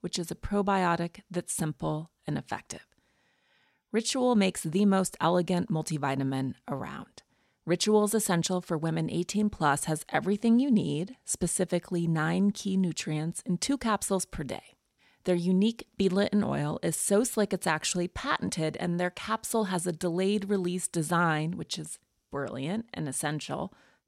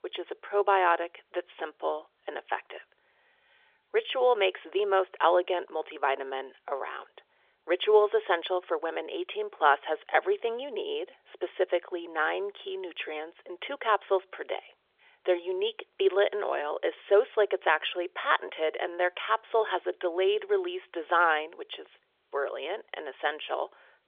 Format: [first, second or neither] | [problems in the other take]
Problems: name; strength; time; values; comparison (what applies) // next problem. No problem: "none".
first | phone-call audio; nothing above 3.5 kHz